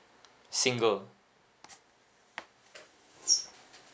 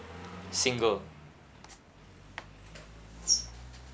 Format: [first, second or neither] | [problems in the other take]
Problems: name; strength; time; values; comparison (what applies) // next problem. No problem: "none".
first | background sound (Car passing by); 13 dB below the speech